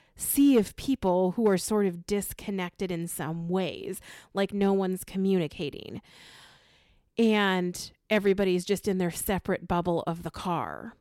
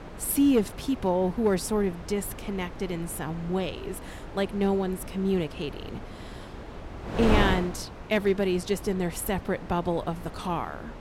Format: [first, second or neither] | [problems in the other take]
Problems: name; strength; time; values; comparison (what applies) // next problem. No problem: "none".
first | wind noise on the microphone; heavy; 9 dB below the speech